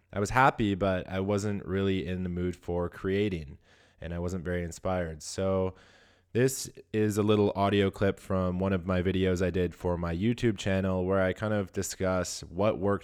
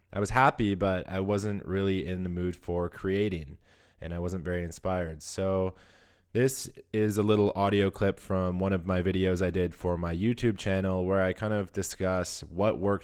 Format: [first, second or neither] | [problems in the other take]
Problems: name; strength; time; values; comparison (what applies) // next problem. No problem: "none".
first | garbled, watery; slightly